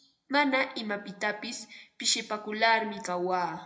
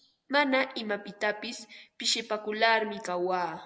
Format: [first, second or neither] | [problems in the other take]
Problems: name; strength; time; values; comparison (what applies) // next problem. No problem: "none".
second | room echo; dies away in 0.3 s